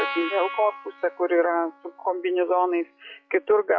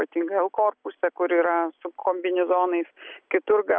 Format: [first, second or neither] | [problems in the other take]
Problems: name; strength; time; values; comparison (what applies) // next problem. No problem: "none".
second | noise reduction (classical method log-MMSE)